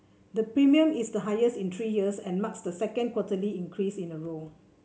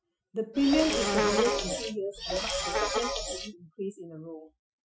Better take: first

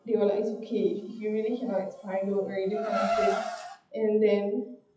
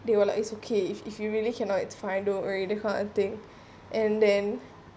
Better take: second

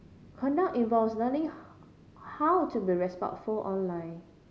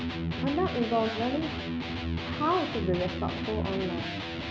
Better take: first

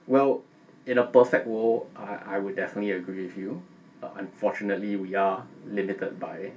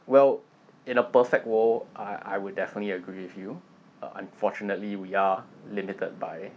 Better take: second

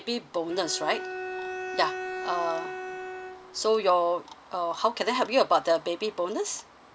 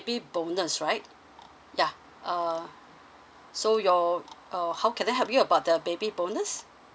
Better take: second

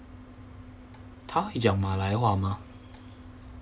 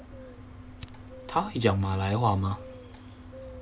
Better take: first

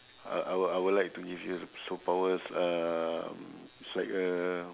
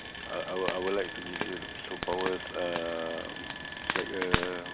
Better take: first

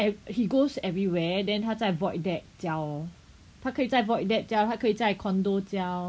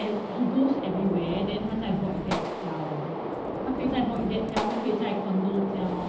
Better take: first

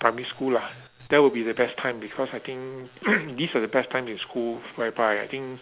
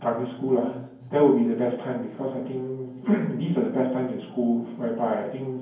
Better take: first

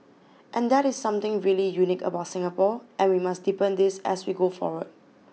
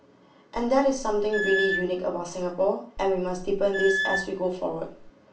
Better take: first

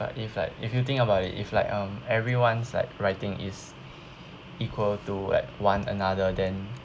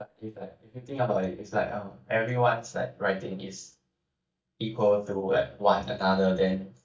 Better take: first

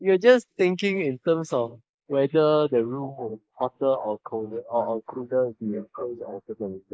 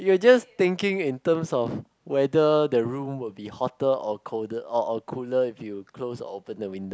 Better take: second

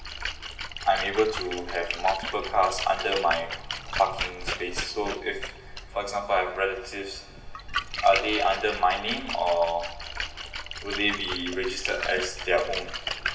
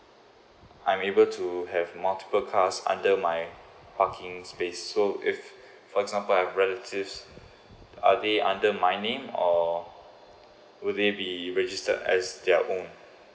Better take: second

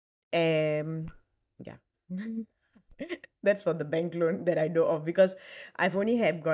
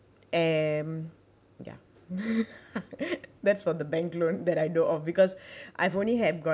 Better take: second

